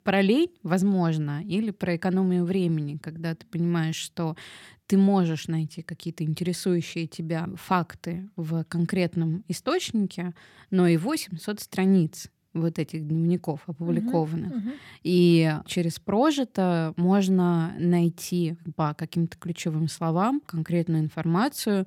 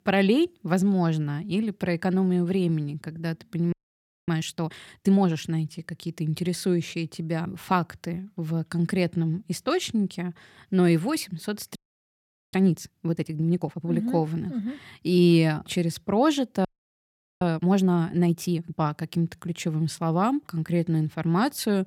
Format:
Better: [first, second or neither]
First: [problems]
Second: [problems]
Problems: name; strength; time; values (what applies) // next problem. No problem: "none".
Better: first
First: none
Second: audio freezing; at 3.5 s for 0.5 s, at 12 s for 1 s and at 17 s for 1 s